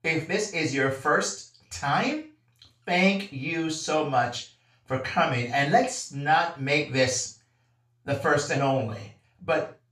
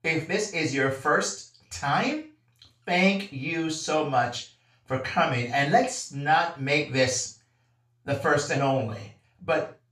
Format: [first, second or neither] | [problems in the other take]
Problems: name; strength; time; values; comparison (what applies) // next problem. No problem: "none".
neither | room echo; slight; dies away in 0.3 s; the same in both // off-mic speech; far; the same in both